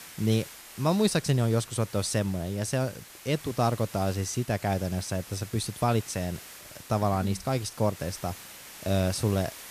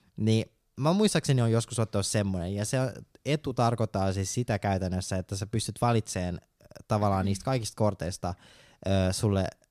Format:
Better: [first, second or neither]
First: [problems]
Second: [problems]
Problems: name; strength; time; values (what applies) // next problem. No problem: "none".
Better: second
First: hiss; noticeable; throughout; 15 dB below the speech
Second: none